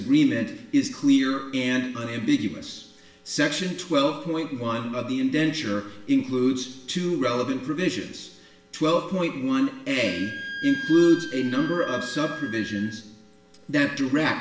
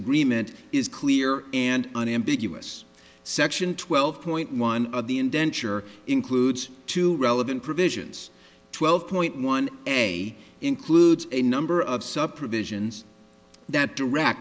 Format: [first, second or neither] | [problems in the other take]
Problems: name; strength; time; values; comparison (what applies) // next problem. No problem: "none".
second | background sound (Wind instrument, woodwind instrument); 11 dB below the speech // room echo; dies away in 0.8 s